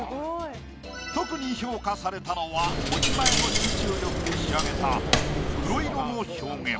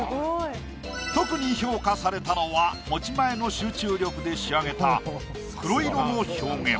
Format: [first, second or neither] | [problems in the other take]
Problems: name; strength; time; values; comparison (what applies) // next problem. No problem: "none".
second | background sound (Coin (dropping)); 4 dB above the speech